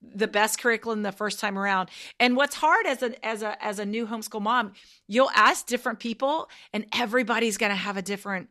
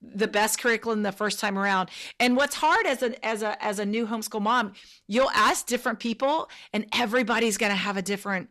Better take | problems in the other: first | distortion; slight; 10 dB below the speech

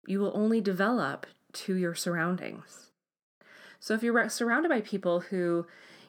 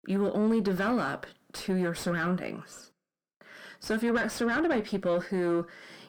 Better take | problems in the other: first | distortion; slight; 10 dB below the speech

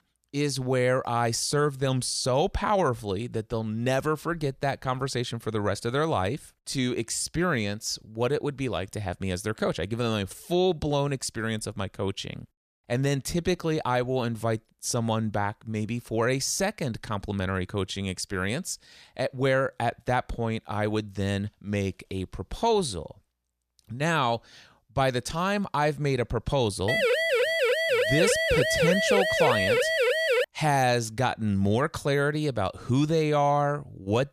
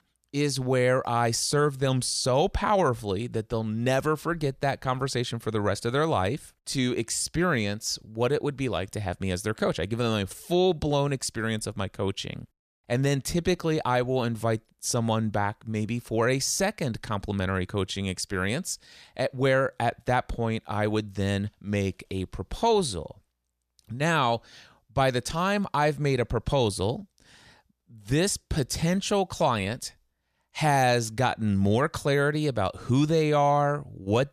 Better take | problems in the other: second | siren; loud; from 27 to 30 s; peak 5 dB above the speech

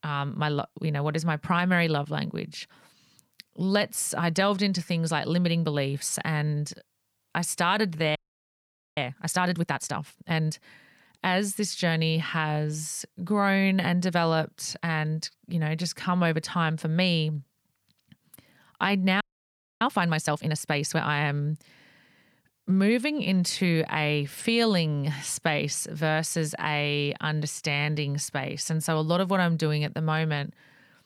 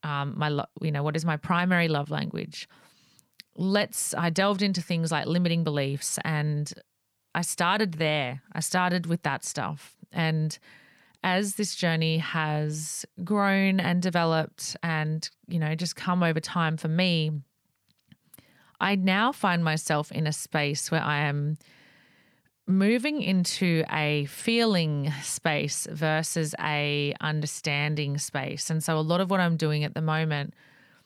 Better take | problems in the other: second | audio freezing; at 8 s for 1 s and at 19 s for 0.5 s

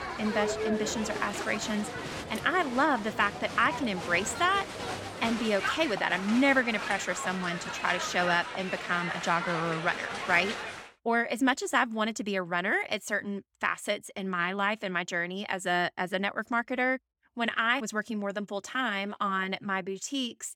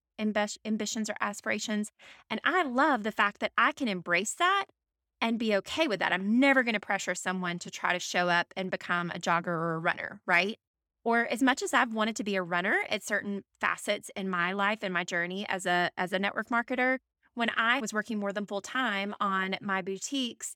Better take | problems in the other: second | crowd noise; loud; until 11 s; 6 dB below the speech

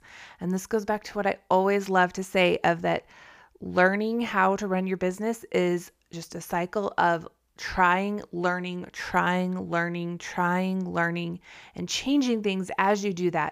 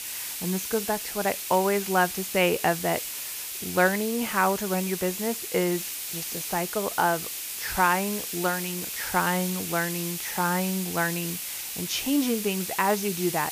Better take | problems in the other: first | hiss; loud; throughout; 4 dB below the speech

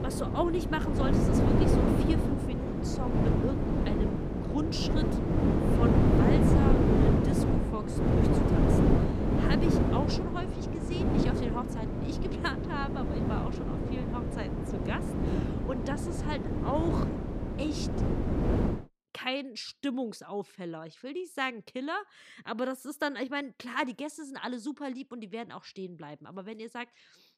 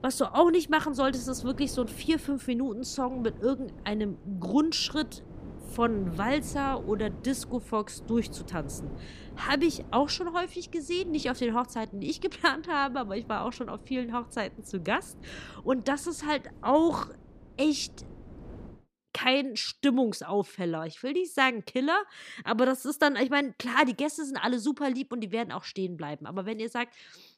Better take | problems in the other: second | wind noise on the microphone; heavy; until 19 s; 3 dB above the speech; occasional gusts in the second

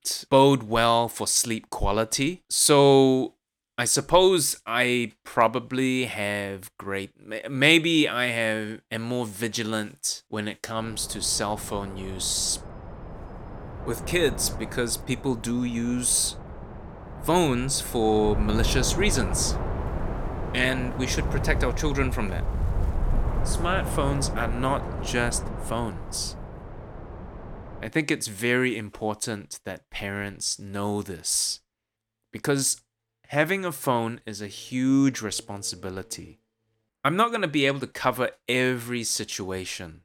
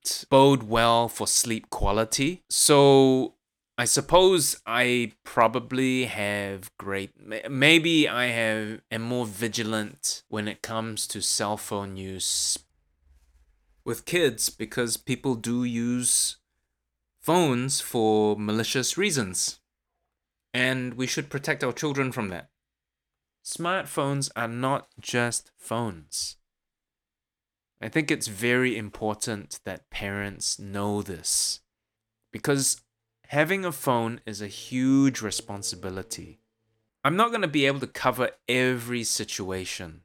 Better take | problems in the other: second | wind noise on the microphone; occasional gusts; from 11 to 28 s; 15 dB below the speech

